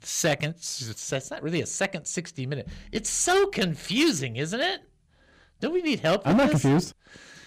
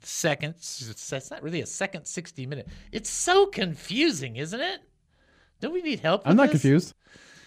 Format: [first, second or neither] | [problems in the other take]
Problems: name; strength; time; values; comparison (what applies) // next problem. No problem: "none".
second | distortion; heavy; 6% of the sound clipped